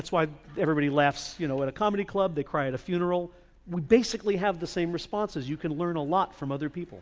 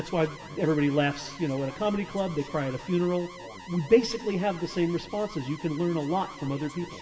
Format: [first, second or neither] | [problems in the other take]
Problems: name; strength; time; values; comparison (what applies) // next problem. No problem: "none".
first | background sound (Alarm); 16 dB below the speech // room echo; dies away in 2.8 s